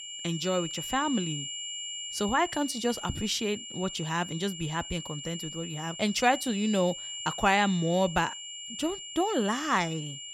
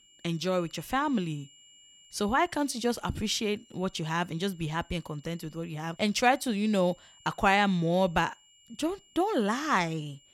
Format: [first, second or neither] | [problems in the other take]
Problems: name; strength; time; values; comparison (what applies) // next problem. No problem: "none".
second | high-pitched whine; loud; throughout; 3 kHz, 8 dB below the speech; faint in the second